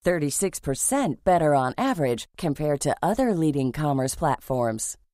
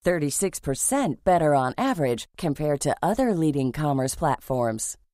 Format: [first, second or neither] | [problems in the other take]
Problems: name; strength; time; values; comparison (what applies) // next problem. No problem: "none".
neither | none